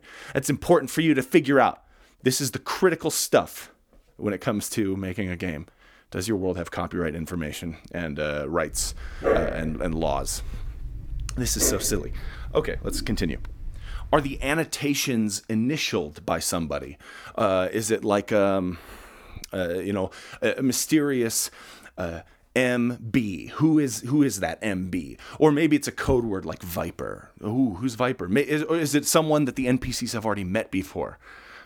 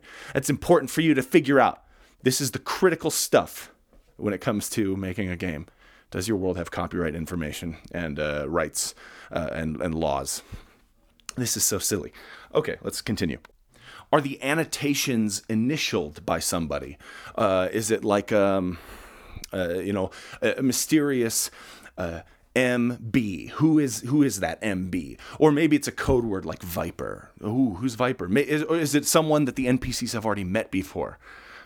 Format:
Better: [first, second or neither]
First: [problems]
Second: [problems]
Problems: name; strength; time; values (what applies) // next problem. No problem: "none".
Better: second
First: dog barking; loud; from 8.5 to 15 s; peak 1 dB above the speech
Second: none